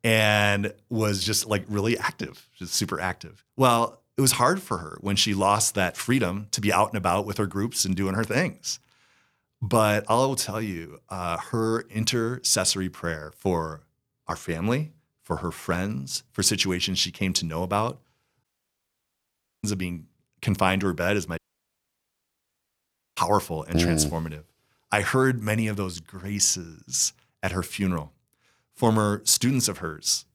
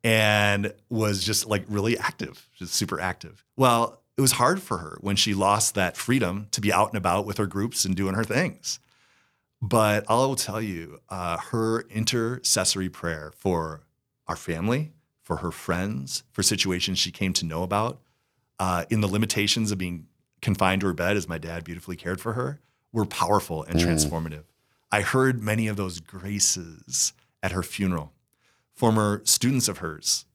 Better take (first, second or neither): second